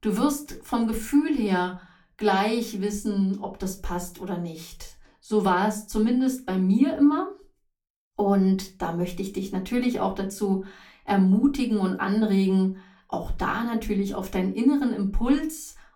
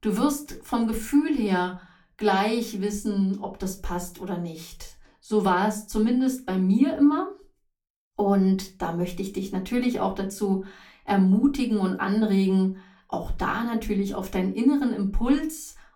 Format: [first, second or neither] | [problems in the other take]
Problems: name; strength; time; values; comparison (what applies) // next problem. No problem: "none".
neither | off-mic speech; far; the same in both // room echo; very slight; dies away in 0.3 s; the same in both